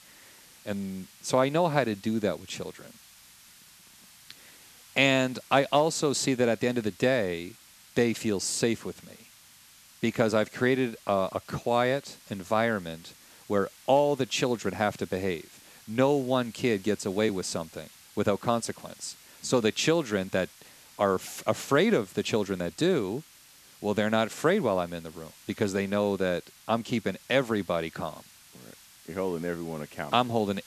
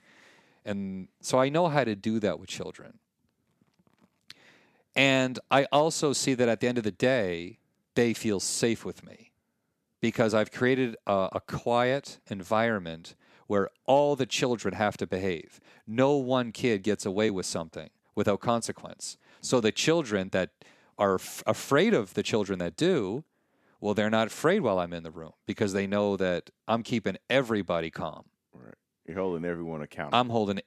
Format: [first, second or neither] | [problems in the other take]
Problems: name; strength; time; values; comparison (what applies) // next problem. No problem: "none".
second | hiss; faint; throughout; 25 dB below the speech